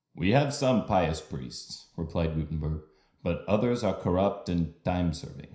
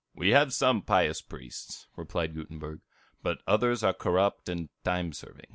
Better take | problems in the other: second | room echo; dies away in 0.5 s

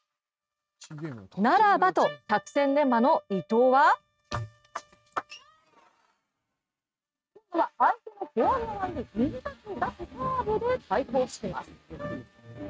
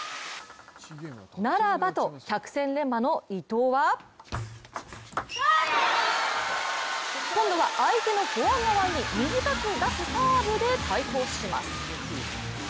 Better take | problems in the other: second | noise reduction (neural mask model RNNoise)

